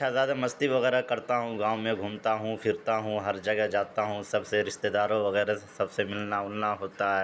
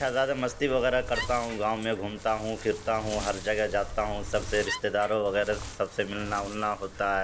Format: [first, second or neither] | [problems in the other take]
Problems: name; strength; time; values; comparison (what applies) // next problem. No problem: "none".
first | background sound (Wind + Wood); 10 dB below the speech